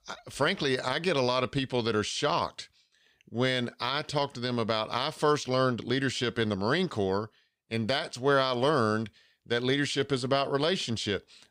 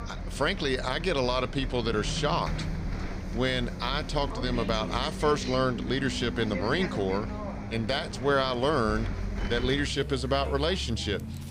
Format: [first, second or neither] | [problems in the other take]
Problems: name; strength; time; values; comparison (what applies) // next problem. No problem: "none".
first | traffic noise; loud; throughout; 7 dB below the speech